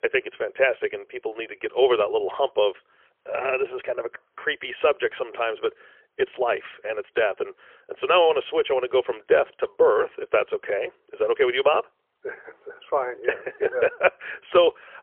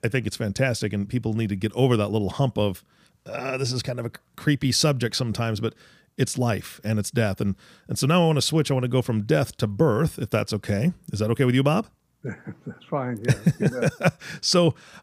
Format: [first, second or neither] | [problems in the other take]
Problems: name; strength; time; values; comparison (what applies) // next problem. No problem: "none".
second | phone-call audio; poor line; nothing above 3 kHz